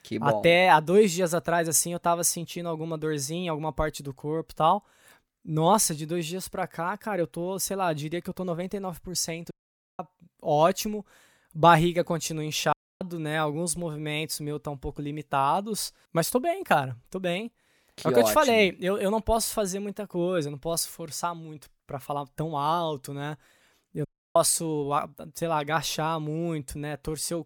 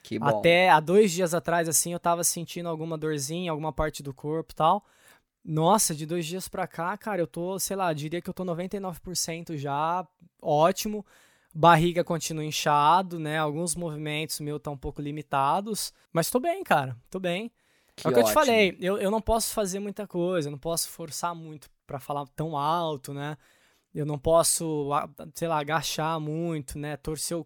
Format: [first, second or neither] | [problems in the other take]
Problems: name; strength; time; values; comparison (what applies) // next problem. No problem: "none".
second | audio cutting out; at 9.5 s, at 13 s and at 24 s